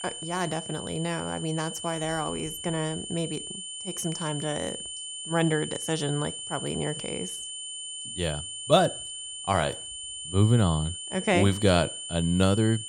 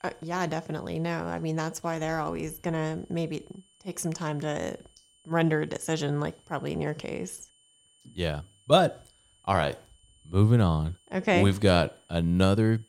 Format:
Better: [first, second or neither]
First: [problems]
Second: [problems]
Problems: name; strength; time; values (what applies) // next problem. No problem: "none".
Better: second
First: high-pitched whine; loud; throughout; 3 kHz, 7 dB below the speech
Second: high-pitched whine; faint; throughout; 3 kHz, 35 dB below the speech